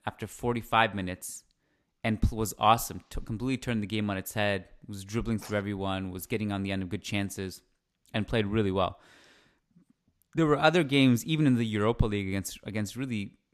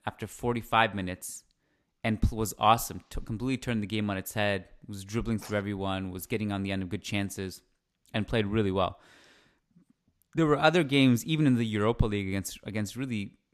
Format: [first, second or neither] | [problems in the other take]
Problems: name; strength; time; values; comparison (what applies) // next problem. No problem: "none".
neither | none